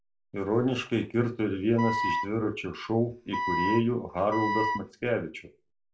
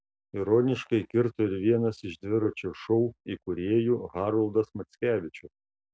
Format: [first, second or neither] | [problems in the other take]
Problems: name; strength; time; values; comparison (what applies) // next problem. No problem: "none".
second | background sound (Wind instrument, woodwind instrument); 2 dB below the speech // room echo; dies away in 0.2 s